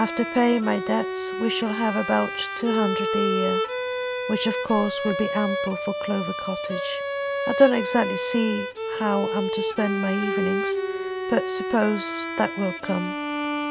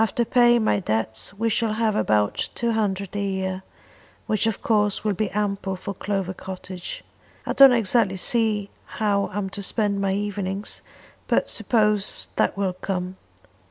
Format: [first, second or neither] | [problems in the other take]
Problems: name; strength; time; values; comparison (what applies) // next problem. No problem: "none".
second | background sound (Bowed string instrument); 2 dB below the speech